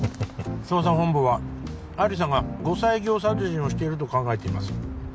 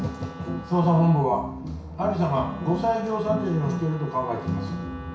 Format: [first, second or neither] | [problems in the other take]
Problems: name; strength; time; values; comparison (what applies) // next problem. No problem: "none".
first | background sound (Wind instrument, woodwind instrument); 17 dB below the speech // room echo; dies away in 0.6 s